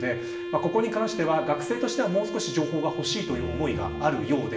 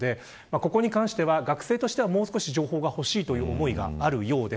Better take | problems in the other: second | background sound (Wind instrument, woodwind instrument); 7 dB below the speech // room echo; dies away in 0.7 s

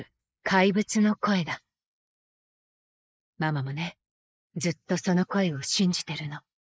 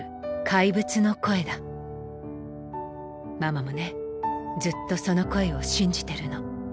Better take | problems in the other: second | noise reduction (neural mask model Resemble Enhance denoiser)

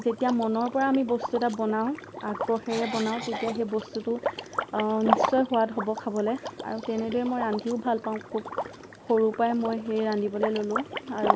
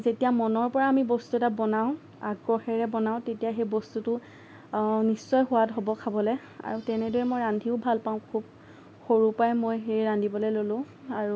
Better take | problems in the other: second | background sound (Cough + Liquid); 6 dB below the speech

